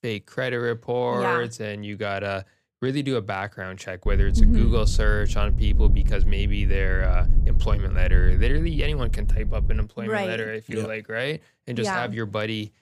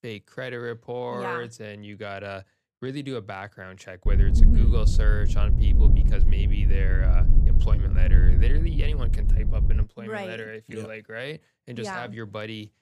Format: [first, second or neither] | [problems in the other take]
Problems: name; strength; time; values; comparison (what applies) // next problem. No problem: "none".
first | wind noise on the microphone; heavy; from 4 to 10 s; 6 dB below the speech; occasional gusts in the first